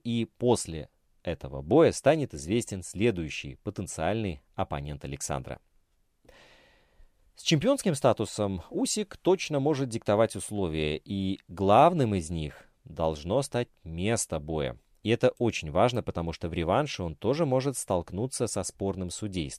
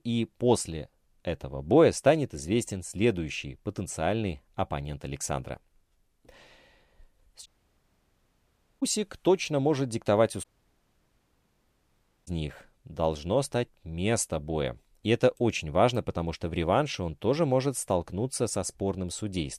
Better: first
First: none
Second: audio cutting out; at 7.5 s for 1.5 s and at 10 s for 2 s

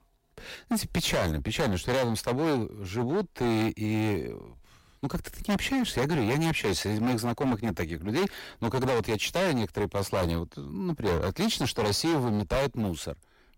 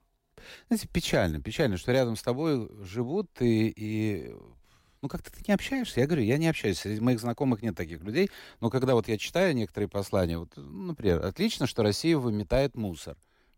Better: second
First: distortion; heavy; 17% of the sound clipped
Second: none

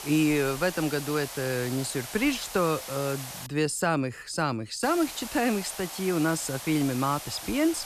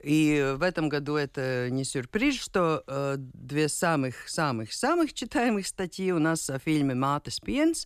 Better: second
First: hiss; loud; until 3.5 s and from 5 s on; 9 dB below the speech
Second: none

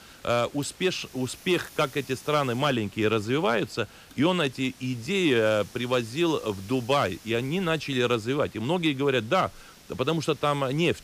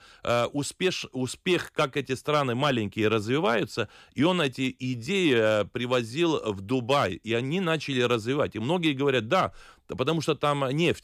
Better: second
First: hiss; faint; throughout; 20 dB below the speech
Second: none

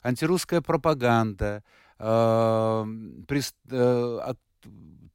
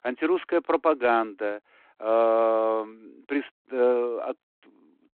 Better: first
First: none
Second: phone-call audio; nothing above 4 kHz

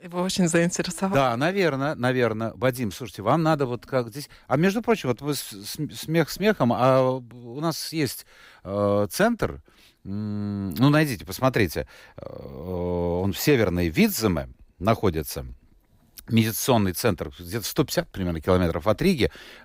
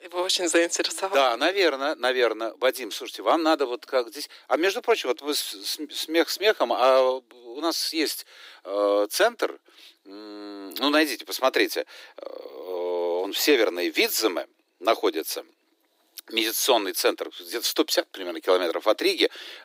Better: first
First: none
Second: thin; very; fading below 300 Hz

